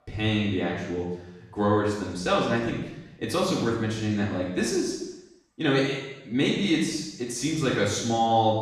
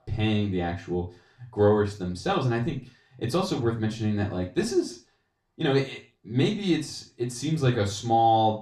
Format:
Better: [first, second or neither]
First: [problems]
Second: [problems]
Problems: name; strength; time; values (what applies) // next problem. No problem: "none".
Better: second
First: room echo; strong; dies away in 0.8 s // off-mic speech; far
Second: room echo; slight; dies away in 0.3 s // off-mic speech; far